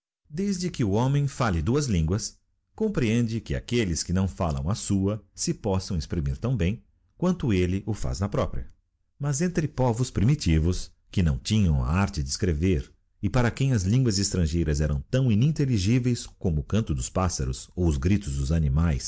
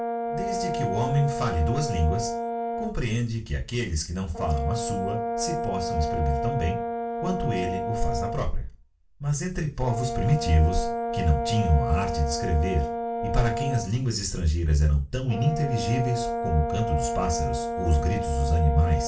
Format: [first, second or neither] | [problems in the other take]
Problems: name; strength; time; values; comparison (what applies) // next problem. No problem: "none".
first | background sound (Brass instrument); 4 dB below the speech // room echo; dies away in 0.3 s